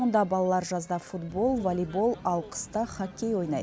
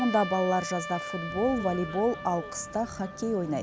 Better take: first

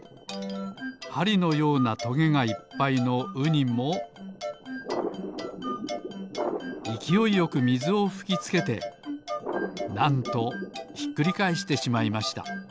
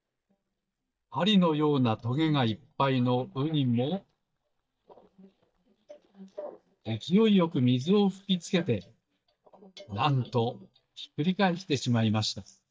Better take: first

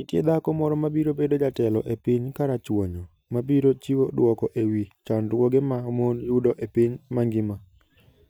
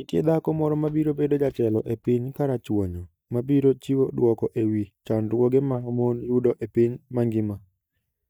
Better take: first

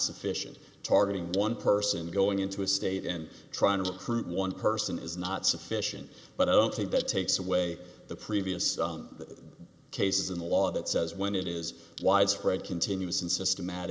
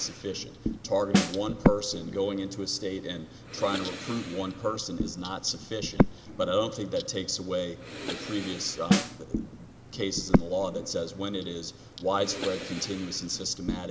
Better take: first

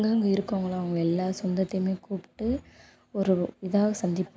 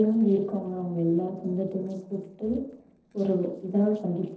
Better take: first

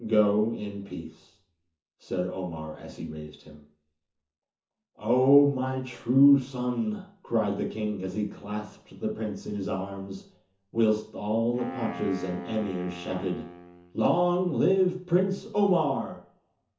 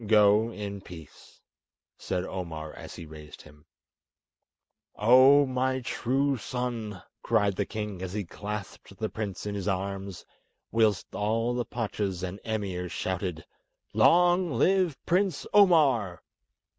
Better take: second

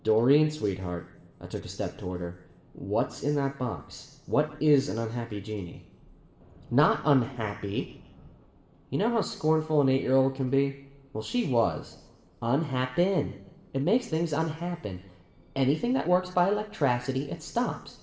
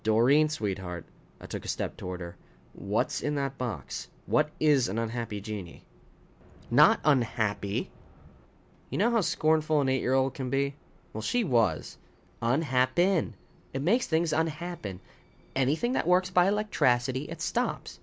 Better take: second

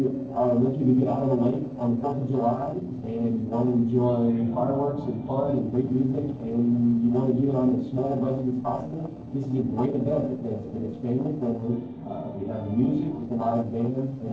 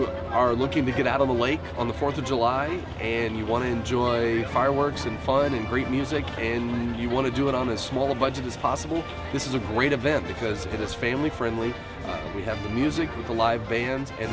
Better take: second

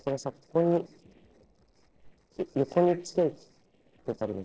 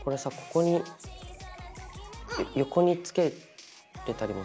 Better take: second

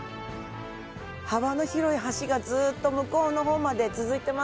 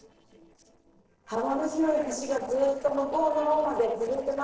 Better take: first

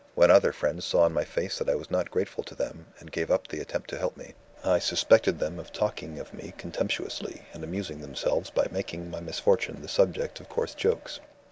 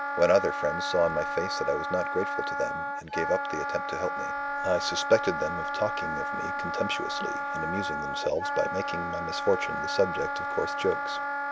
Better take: first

